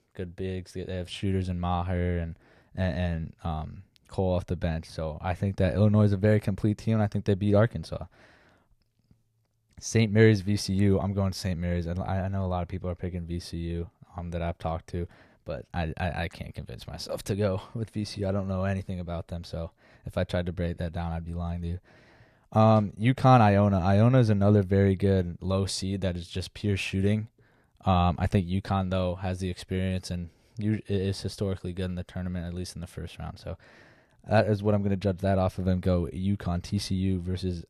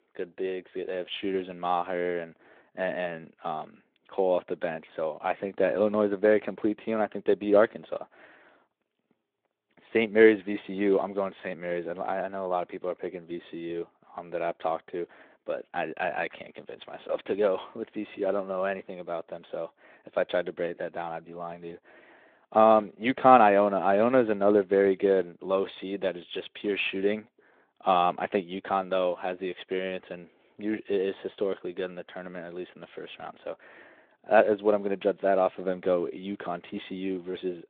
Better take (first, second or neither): first